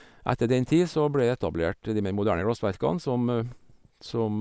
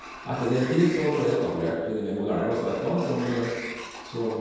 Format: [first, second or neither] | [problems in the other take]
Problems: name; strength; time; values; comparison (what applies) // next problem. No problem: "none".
first | background sound (Sliding door); 14 dB below the speech // room echo; dies away in 1.2 s